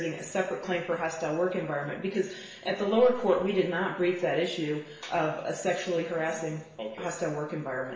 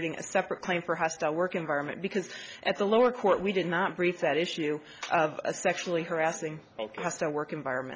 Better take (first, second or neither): second